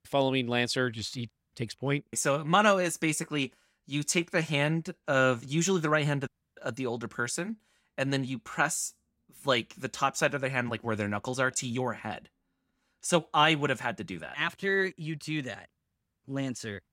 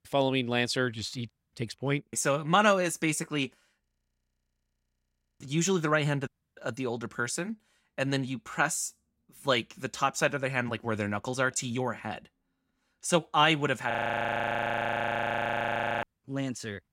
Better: first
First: none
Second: audio freezing; at 4 s for 1.5 s and at 14 s for 2 s

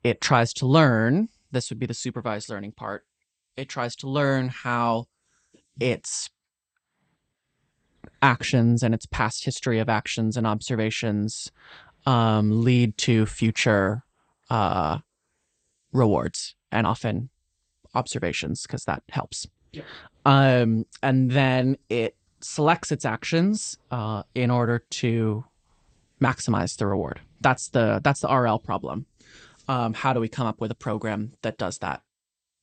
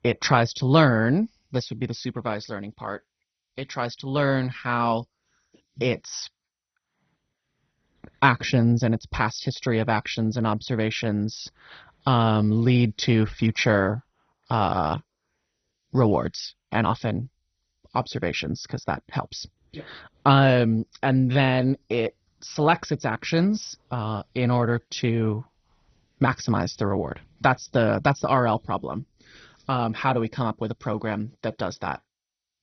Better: first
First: garbled, watery; slightly; nothing above 8.5 kHz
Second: garbled, watery; badly; nothing above 6 kHz

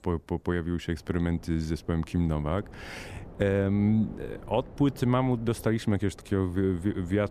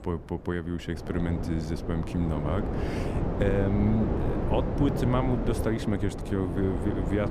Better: first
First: wind noise on the microphone; occasional gusts; 20 dB below the speech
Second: wind noise on the microphone; heavy; 2 dB below the speech

